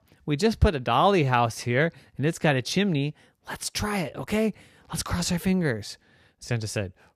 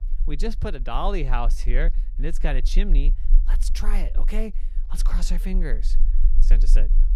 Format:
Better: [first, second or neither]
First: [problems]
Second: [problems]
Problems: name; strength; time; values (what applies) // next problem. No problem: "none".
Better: first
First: none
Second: low rumble; noticeable; throughout; 20 dB below the speech